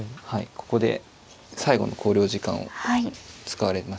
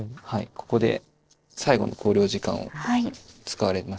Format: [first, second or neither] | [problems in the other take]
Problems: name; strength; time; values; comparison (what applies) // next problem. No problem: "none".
first | noise reduction (neural separator model SepFormer DNS4)